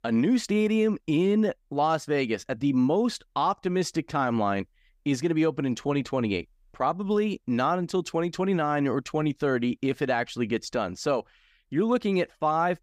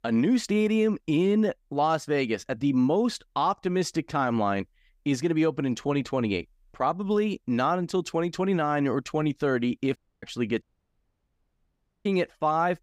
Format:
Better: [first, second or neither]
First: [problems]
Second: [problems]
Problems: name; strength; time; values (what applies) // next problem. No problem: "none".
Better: first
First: none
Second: audio cutting out; at 10 s and at 11 s for 1.5 s